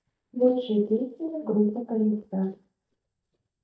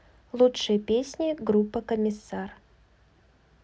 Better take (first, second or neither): second